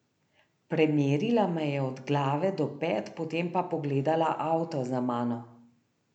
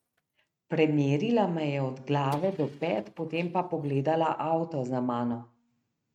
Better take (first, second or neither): first